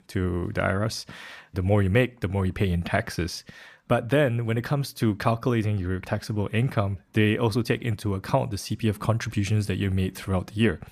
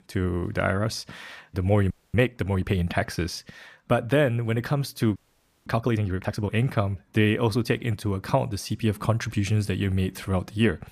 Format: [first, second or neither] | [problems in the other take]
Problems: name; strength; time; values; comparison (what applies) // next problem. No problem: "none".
first | audio freezing; at 2 s and at 5 s for 0.5 s